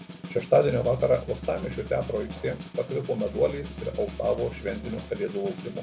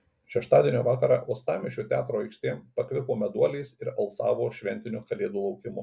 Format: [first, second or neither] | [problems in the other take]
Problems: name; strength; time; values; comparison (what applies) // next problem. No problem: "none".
second | background sound (Snare drum + Musical instrument); 11 dB below the speech